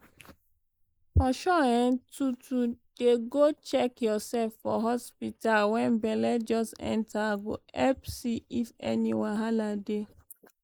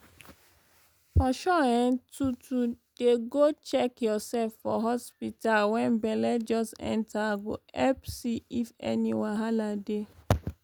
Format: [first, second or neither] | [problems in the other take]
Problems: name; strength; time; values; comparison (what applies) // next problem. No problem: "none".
second | noise reduction (neural mask model Resemble Enhance denoiser)